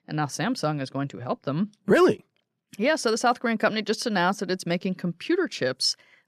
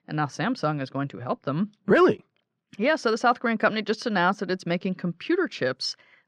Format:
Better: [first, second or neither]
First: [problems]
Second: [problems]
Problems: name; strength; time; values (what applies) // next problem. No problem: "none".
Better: first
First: none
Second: muffled; very slightly; fading above 4 kHz